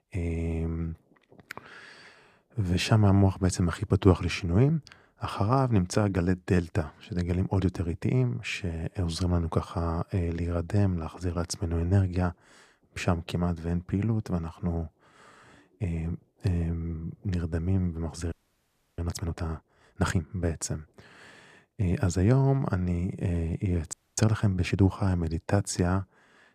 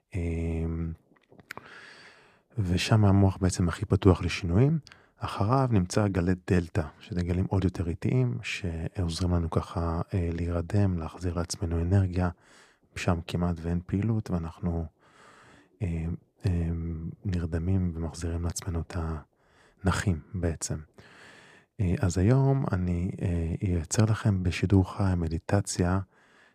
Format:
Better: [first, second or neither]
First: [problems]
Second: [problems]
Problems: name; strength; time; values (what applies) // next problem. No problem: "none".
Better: second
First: audio freezing; at 18 s for 0.5 s and at 24 s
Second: none